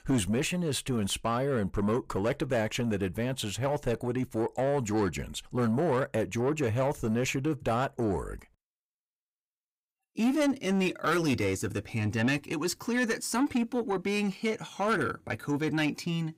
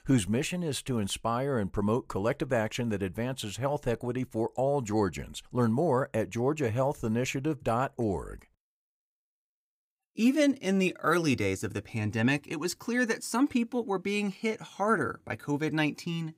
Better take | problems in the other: second | distortion; slight; 10 dB below the speech

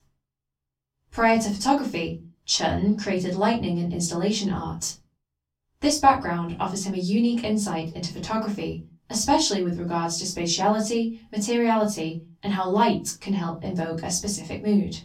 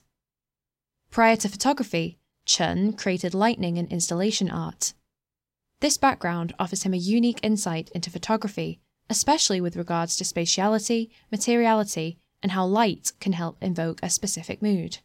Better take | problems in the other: second | off-mic speech; far // room echo; very slight; dies away in 0.3 s

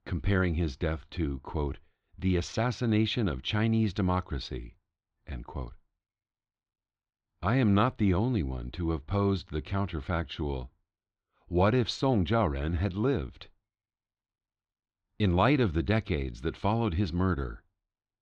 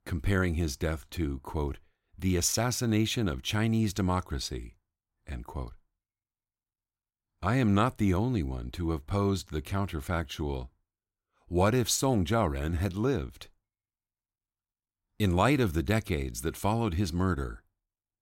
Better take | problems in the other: second | muffled; slightly; fading above 4 kHz

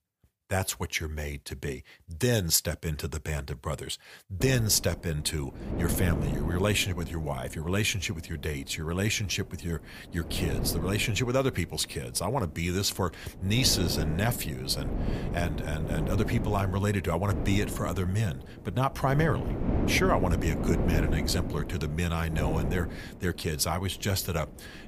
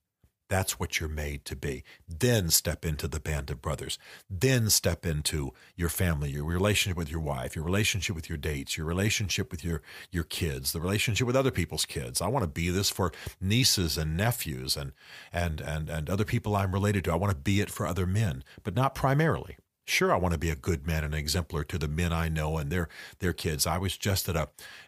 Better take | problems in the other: second | wind noise on the microphone; heavy; from 4.5 s on; 8 dB below the speech

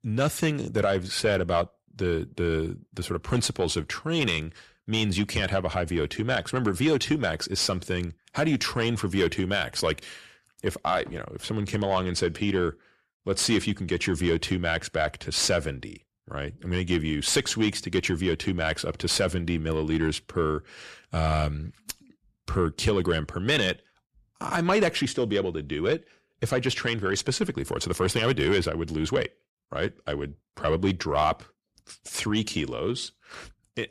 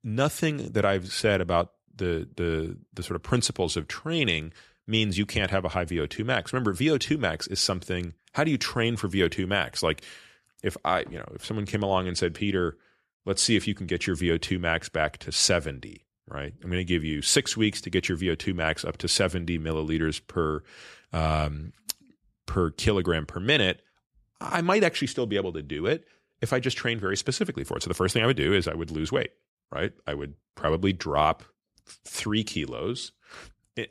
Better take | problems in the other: second | distortion; slight; 10 dB below the speech

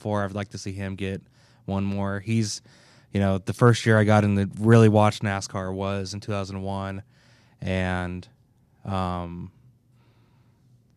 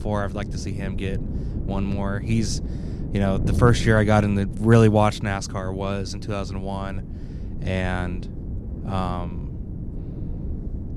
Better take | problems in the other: first | wind noise on the microphone; occasional gusts; 15 dB below the speech

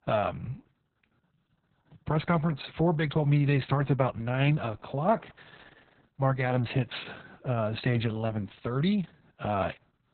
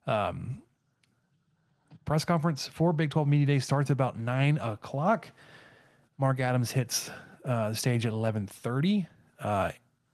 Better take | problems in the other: second | garbled, watery; badly; nothing above 4 kHz; slightly in the second

